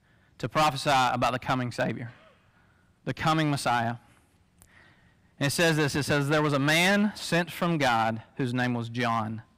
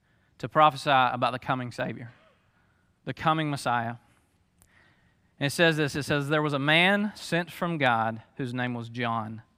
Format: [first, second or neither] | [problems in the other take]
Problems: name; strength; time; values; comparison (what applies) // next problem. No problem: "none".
second | distortion; heavy; 8% of the sound clipped